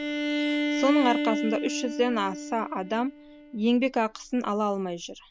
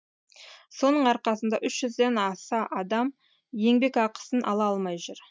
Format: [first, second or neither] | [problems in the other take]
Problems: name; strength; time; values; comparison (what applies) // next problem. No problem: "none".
second | background sound (Bowed string instrument); 4 dB below the speech